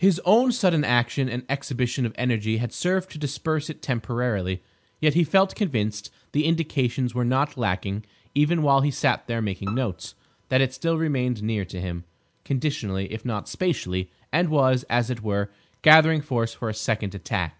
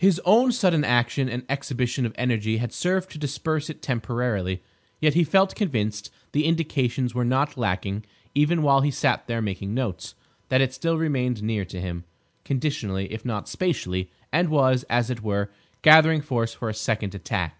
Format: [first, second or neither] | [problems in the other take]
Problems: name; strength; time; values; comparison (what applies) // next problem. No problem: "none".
second | background sound (Bowed string instrument); 19 dB below the speech